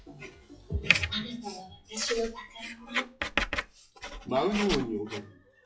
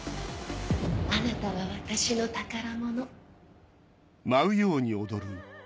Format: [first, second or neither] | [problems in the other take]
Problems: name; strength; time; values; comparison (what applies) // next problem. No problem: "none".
second | noise reduction (classical method WPE with log-MMSE)